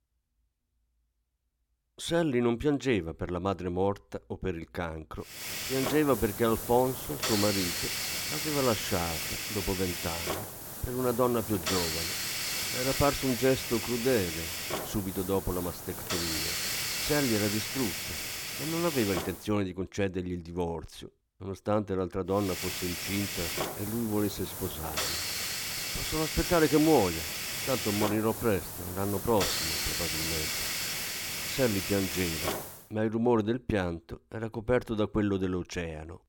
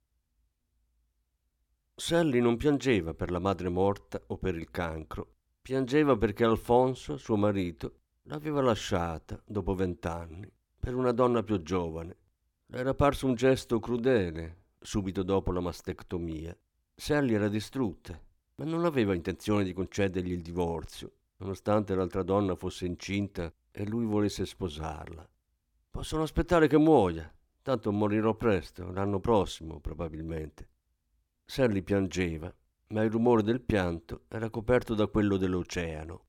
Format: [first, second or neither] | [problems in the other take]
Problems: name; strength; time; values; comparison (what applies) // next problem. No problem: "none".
second | hiss; loud; from 5.5 to 19 s and from 22 to 33 s; 1 dB below the speech